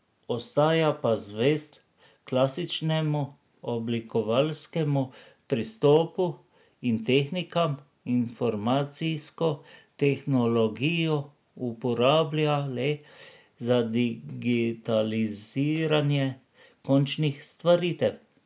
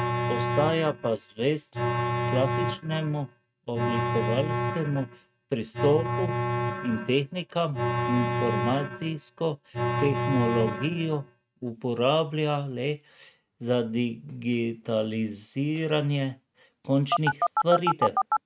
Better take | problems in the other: first | noise reduction (neural mask model RNNoise)

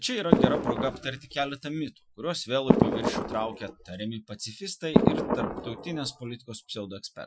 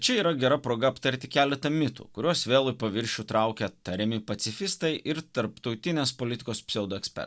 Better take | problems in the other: second | noise reduction (classical method Wiener filter)

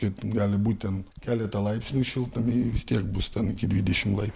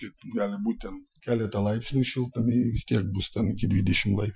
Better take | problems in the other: first | noise reduction (classical method Wiener filter)

